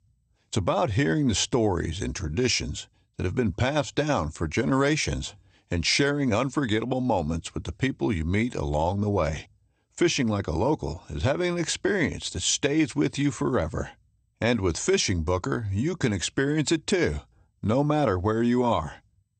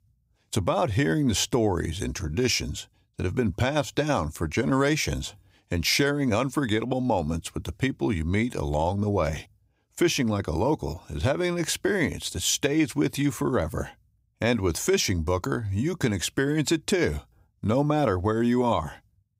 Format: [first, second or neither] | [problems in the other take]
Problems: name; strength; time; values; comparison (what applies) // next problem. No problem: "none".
second | garbled, watery; slightly; nothing above 8.5 kHz